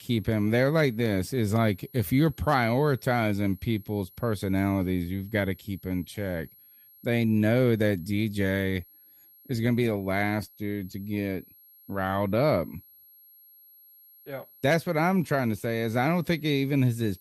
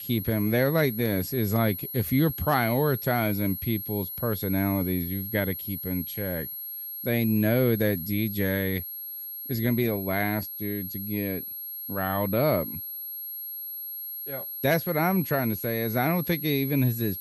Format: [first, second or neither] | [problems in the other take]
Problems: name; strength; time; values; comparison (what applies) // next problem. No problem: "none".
first | high-pitched whine; loud; throughout; 11.5 kHz, 6 dB below the speech; faint in the first